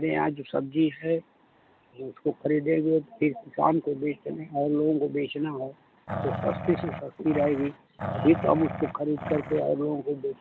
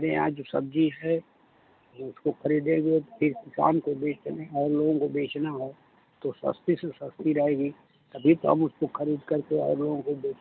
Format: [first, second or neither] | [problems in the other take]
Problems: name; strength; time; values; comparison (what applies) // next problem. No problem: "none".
second | background sound (Growling); 7 dB below the speech